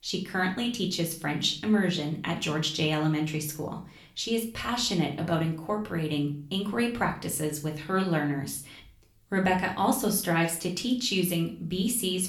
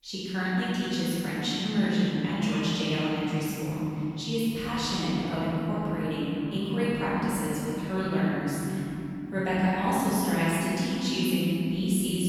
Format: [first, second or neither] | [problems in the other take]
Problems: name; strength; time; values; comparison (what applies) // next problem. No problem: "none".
first | room echo; strong; dies away in 3 s; slight in the first // off-mic speech; far; somewhat distant in the first